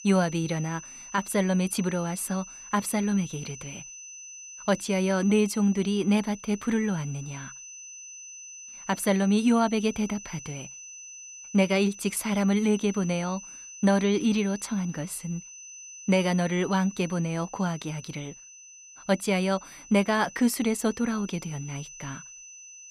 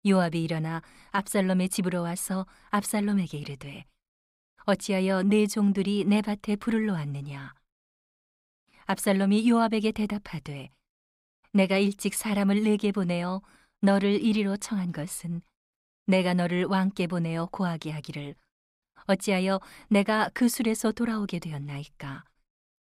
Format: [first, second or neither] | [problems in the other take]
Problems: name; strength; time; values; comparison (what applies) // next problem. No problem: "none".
second | high-pitched whine; noticeable; throughout; 6 kHz, 15 dB below the speech